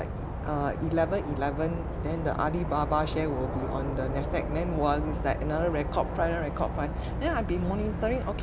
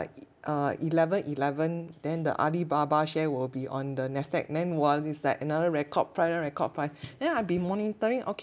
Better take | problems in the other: second | background sound (Insect / Frog); 2 dB below the speech

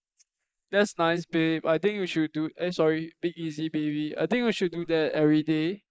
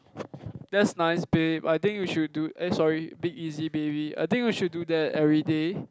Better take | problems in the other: second | noise reduction (neural mask model Resemble Enhance denoiser)

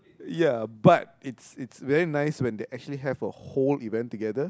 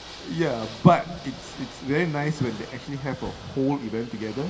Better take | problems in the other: first | background sound (Ocean / Boat, Water vehicle); 16 dB below the speech // room echo; dies away in 1.4 s

